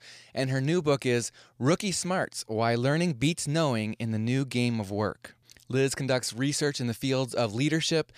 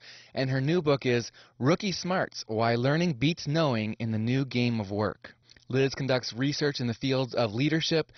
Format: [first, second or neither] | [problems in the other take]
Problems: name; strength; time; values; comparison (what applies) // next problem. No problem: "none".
first | garbled, watery; badly; nothing above 6 kHz